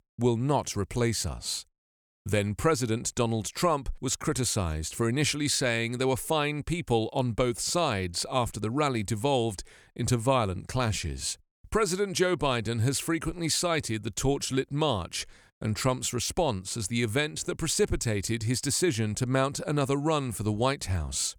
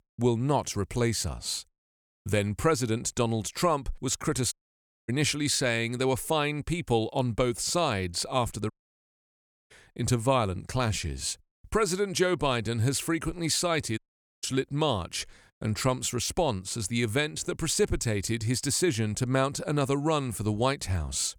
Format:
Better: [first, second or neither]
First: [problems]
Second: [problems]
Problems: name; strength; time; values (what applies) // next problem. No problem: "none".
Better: first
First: none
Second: audio cutting out; at 4.5 s for 0.5 s, at 8.5 s for 1 s and at 14 s